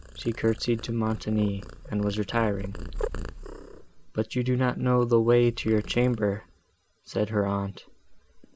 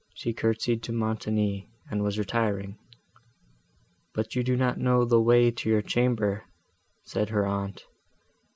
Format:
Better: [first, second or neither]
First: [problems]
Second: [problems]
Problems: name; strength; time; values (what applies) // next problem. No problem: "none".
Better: second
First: background sound (Purr); 13 dB below the speech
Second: none